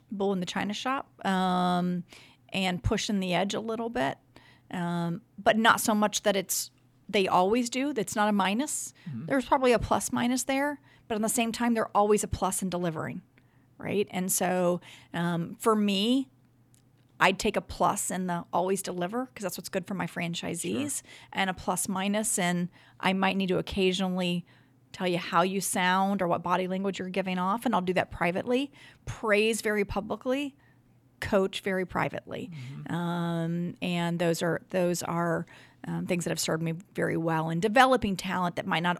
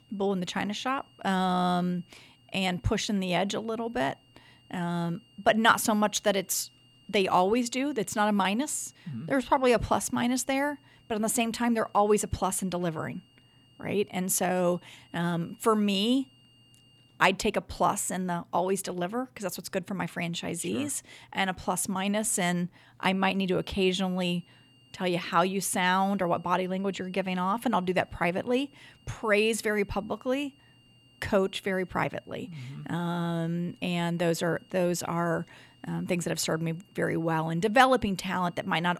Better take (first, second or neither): first